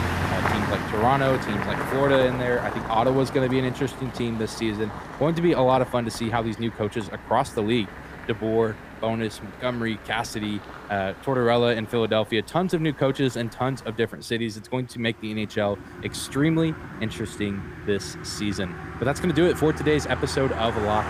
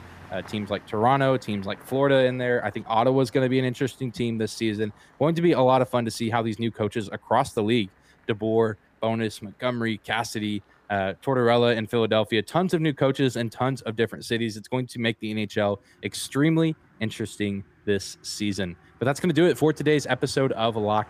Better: second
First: traffic noise; loud; throughout; 8 dB below the speech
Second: traffic noise; faint; throughout; 30 dB below the speech

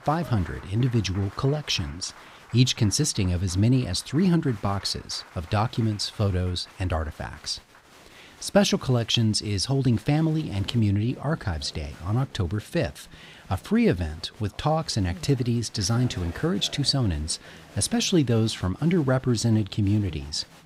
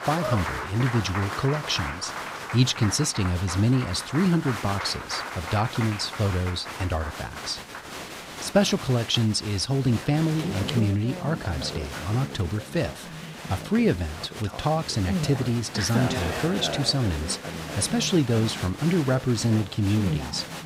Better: first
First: crowd noise; faint; throughout; 20 dB below the speech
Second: crowd noise; loud; throughout; 7 dB below the speech

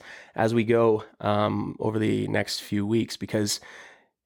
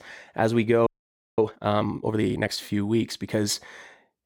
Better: first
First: none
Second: audio freezing; at 1 s for 0.5 s

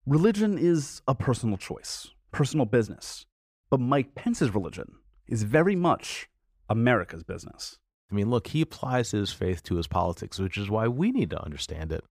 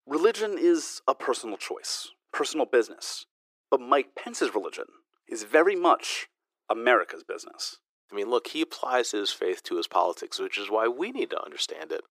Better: first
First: none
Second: thin; very; fading below 350 Hz

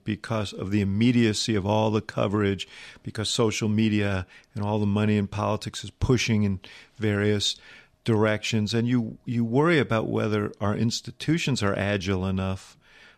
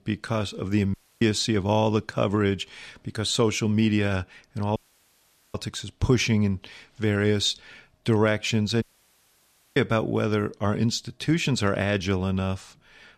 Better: first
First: none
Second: audio cutting out; at 1 s, at 5 s for 1 s and at 9 s for 1 s

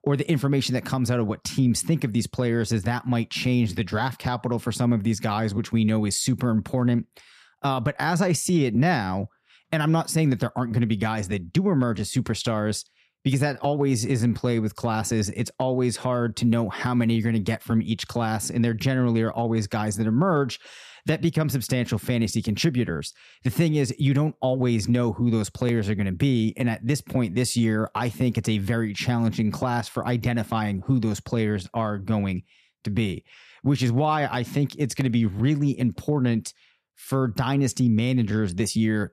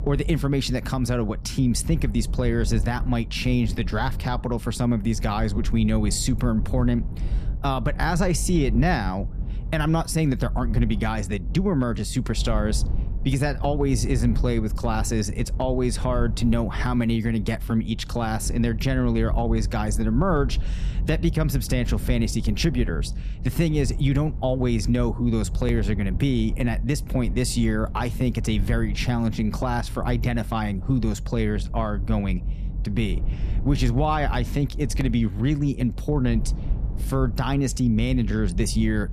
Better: first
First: none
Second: low rumble; noticeable; throughout; 15 dB below the speech

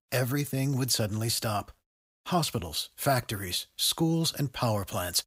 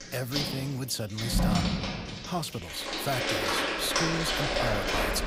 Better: first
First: none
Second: household noises; very loud; throughout; 4 dB above the speech

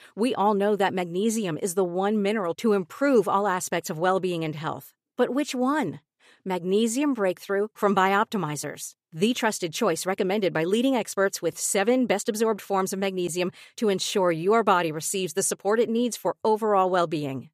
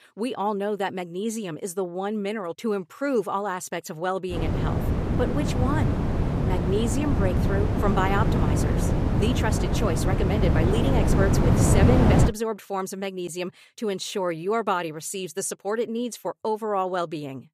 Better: first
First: none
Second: wind noise on the microphone; heavy; from 4.5 to 12 s; 1 dB below the speech

